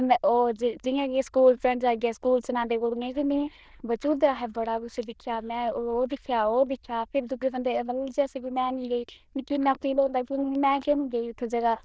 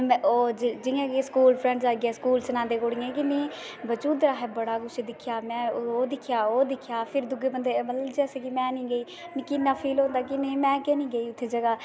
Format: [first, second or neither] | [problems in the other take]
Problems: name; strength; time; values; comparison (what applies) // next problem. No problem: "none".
second | noise reduction (neural diffusion model UNIVERSE++)